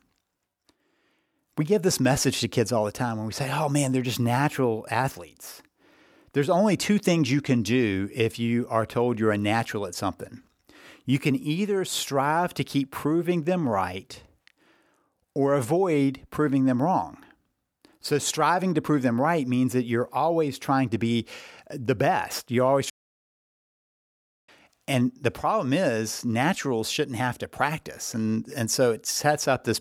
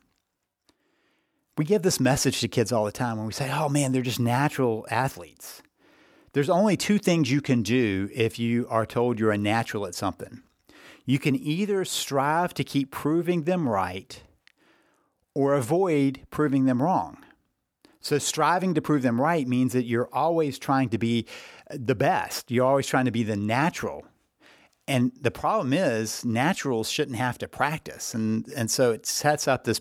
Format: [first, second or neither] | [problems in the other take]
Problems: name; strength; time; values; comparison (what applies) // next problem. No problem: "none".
second | audio cutting out; at 23 s for 1.5 s